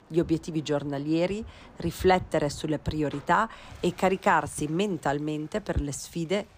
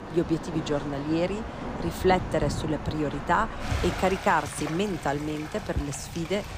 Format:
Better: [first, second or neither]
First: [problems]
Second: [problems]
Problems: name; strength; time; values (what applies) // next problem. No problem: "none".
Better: first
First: rain or running water; faint; throughout; 25 dB below the speech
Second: rain or running water; loud; throughout; 7 dB below the speech